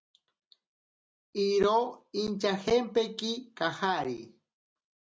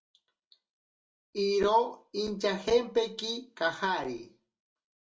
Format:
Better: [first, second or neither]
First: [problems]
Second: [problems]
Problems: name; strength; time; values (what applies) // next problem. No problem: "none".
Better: first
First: none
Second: room echo; dies away in 0.2 s